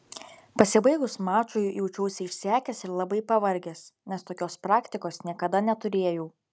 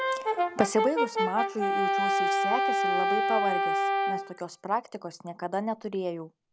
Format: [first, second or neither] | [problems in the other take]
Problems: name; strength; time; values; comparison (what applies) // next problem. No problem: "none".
first | background sound (Brass instrument); 4 dB above the speech